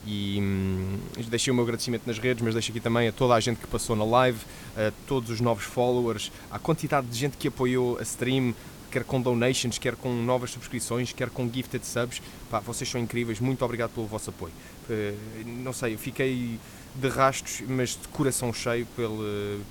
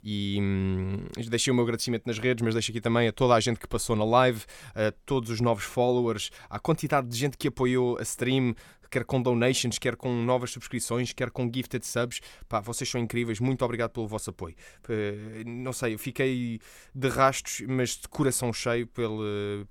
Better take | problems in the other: second | hiss; noticeable; throughout; 20 dB below the speech

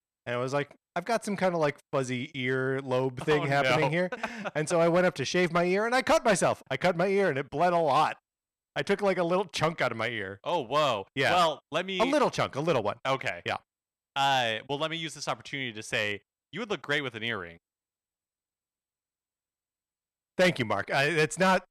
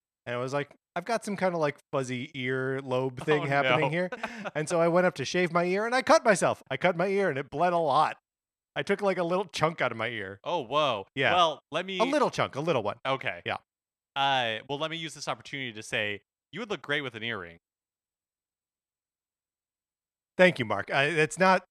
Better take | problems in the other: second | distortion; slight; 3% of the sound clipped

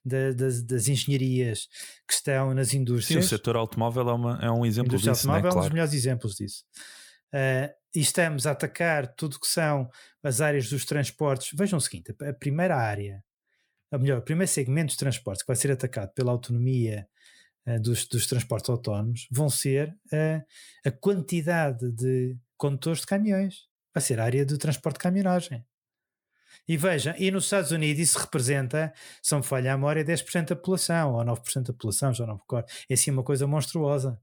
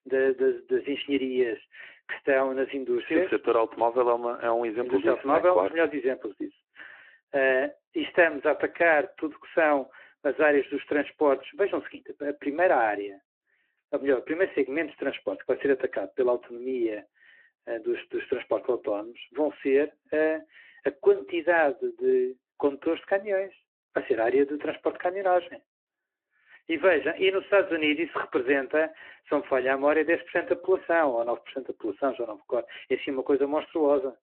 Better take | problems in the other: first | phone-call audio

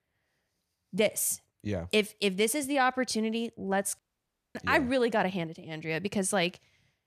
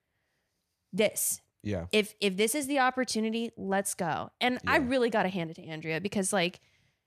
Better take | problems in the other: second | audio cutting out; at 4 s for 0.5 s

